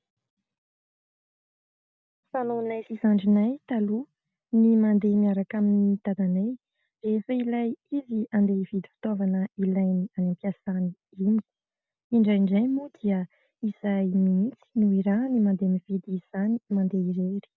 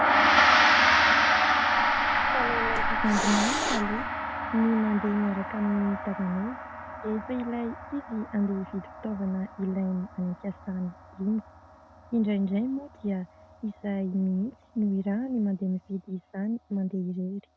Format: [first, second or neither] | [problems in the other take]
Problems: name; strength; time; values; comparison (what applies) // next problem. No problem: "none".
first | background sound (Hiss + Gong); 2 dB above the speech